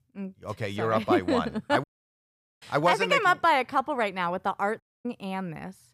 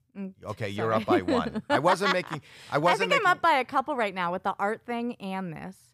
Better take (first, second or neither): second